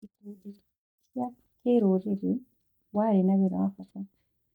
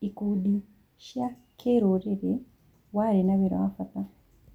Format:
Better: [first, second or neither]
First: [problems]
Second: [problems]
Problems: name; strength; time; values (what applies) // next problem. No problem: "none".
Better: second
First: noise reduction (neural mask model DeepFilterNet 3)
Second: none